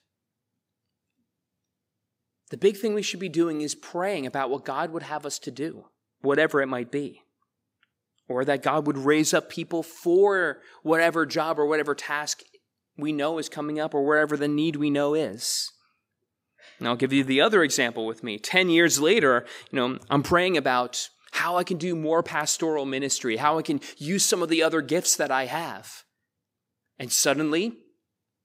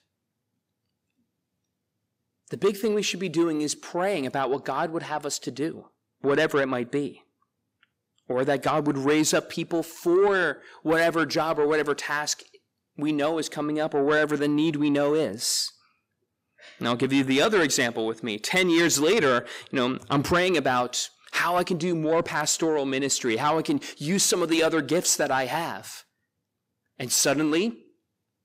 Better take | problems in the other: first | distortion; slight; 10 dB below the speech

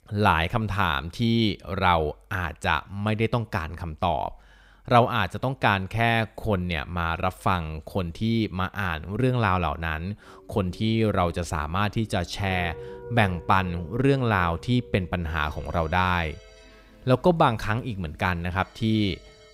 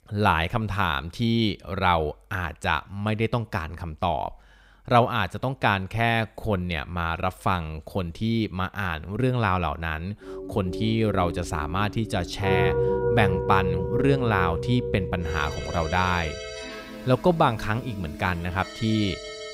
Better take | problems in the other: first | background music; loud; from 10 s on; 5 dB below the speech; faint in the first

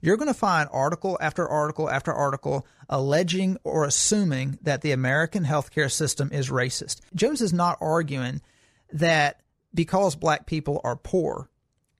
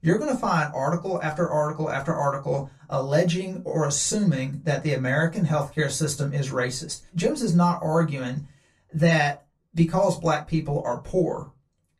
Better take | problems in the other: first | off-mic speech; far // room echo; very slight; dies away in 0.2 s

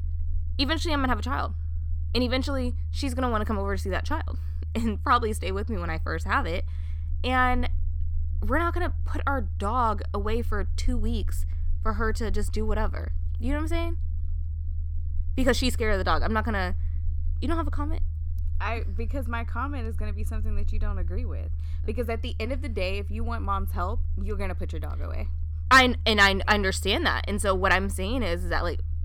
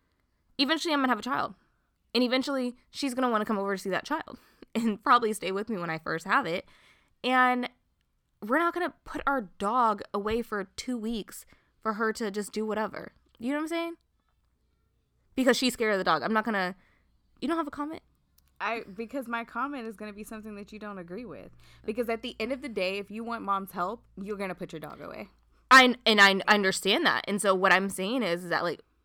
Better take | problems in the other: second | low rumble; faint; throughout; 25 dB below the speech

